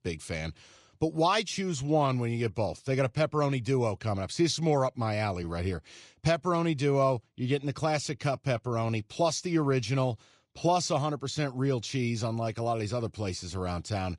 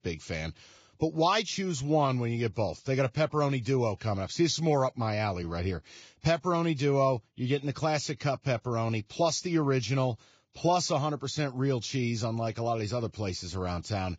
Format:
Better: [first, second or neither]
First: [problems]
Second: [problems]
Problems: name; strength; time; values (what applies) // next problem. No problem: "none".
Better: first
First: garbled, watery; slightly; nothing above 10.5 kHz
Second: garbled, watery; badly; nothing above 7.5 kHz